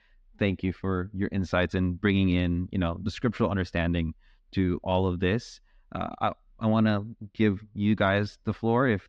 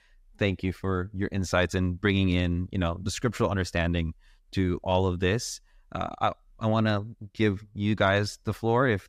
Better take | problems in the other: second | muffled; very slightly; fading above 4 kHz

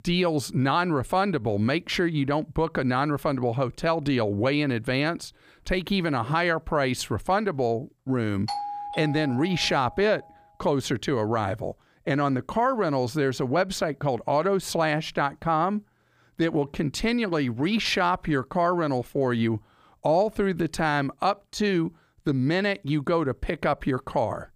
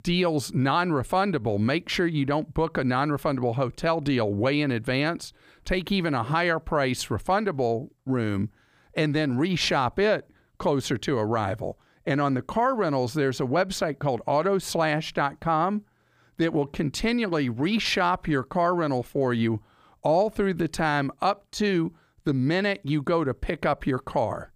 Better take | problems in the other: second | doorbell; noticeable; from 8.5 to 10 s; peak 6 dB below the speech

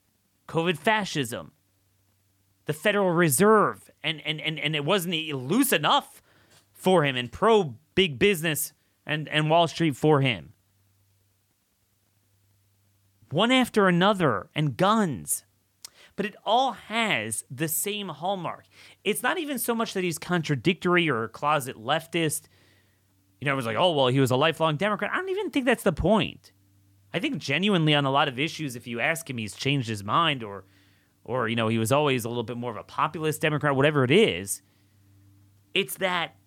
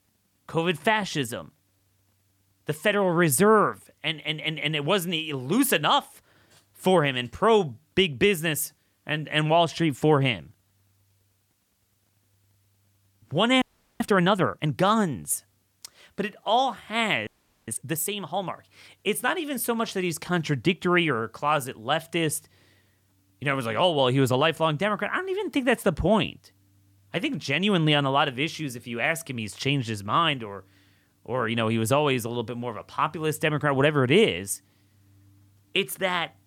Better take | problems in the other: first | audio freezing; at 14 s and at 17 s

